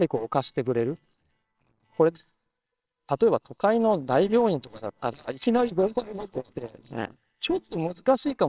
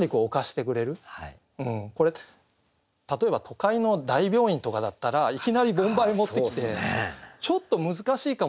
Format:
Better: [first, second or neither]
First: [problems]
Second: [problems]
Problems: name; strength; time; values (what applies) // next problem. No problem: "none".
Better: second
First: noise reduction (neural separator model SepFormer WHAMR!)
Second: none